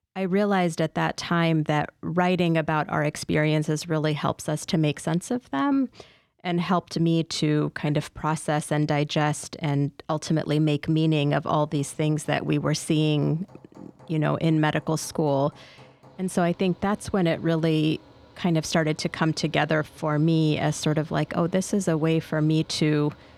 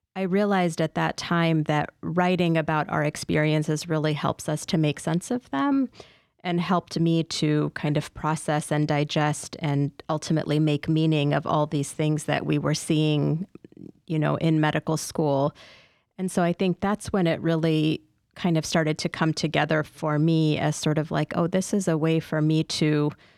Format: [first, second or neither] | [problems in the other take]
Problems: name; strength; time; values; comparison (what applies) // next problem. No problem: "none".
second | machinery noise; faint; from 12 s on; 25 dB below the speech